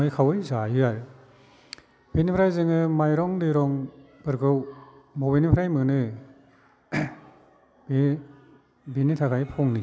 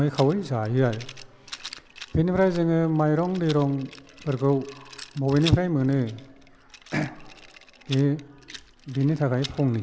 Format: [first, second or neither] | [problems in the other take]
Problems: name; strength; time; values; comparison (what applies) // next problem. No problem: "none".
first | background sound (Rattle); 18 dB below the speech